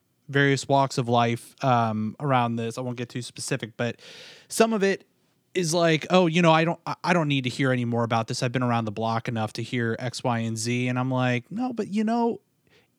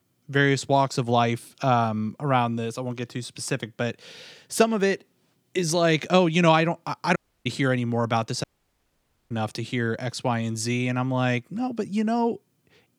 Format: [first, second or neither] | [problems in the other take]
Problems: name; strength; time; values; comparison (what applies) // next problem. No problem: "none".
first | audio cutting out; at 7 s and at 8.5 s for 1 s